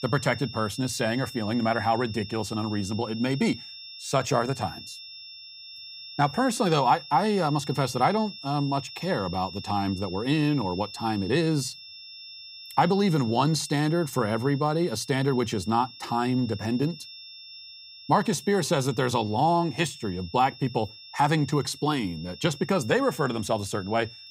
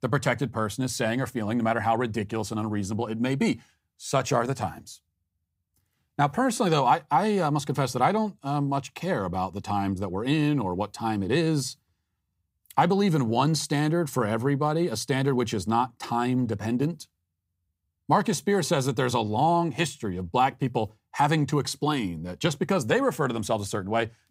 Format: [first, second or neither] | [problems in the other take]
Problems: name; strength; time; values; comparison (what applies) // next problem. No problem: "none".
second | high-pitched whine; noticeable; throughout; 5.5 kHz, 15 dB below the speech